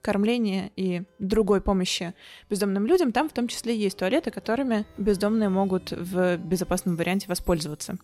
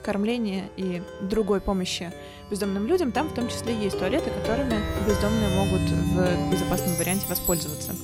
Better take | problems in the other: first | background music; loud; throughout; as loud as the speech; faint in the first

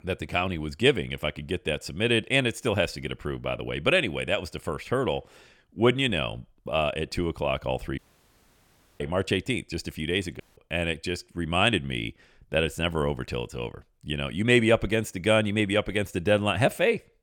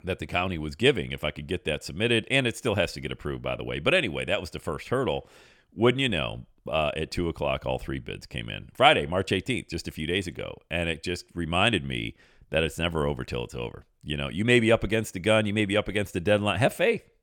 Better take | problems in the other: second | audio cutting out; at 8 s for 1 s and at 10 s

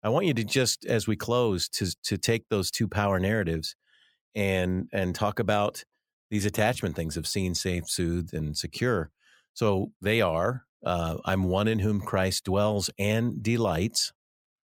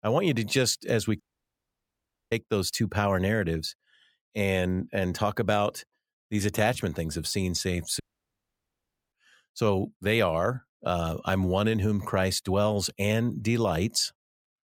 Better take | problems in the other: first | audio cutting out; at 1 s for 1 s and at 8 s for 1 s

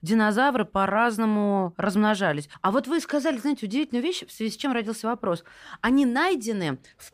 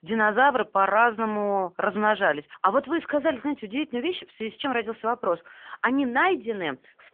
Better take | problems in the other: first | phone-call audio; nothing above 3.5 kHz

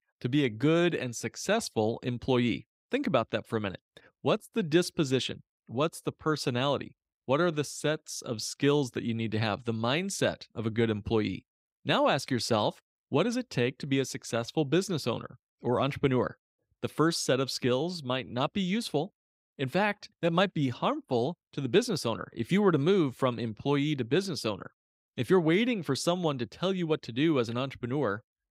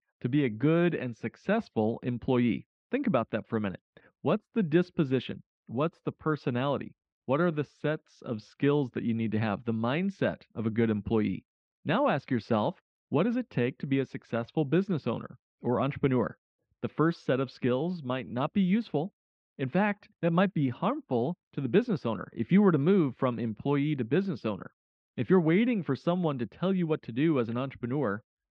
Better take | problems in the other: first | muffled; very; fading above 2.5 kHz

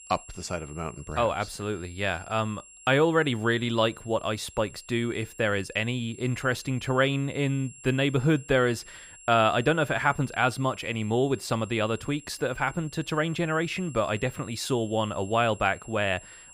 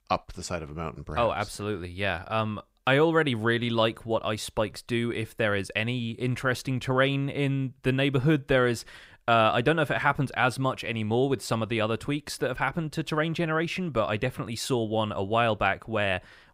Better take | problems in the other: second | high-pitched whine; noticeable; throughout; 7.5 kHz, 20 dB below the speech

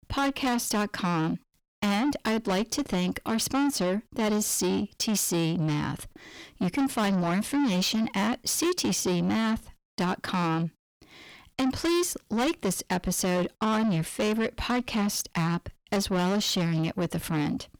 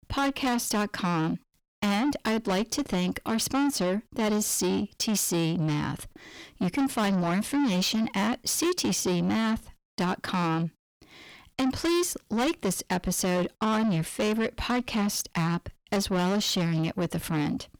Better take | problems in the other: neither | distortion; heavy; 7 dB below the speech; the same in both

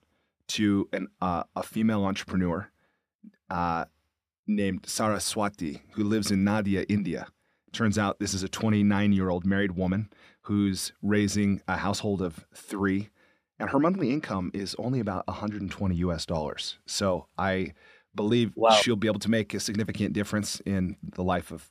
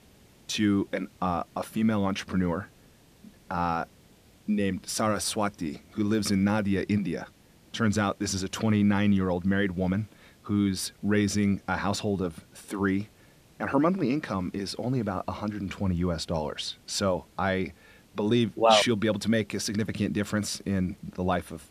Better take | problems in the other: first | hiss; faint; throughout; 30 dB below the speech

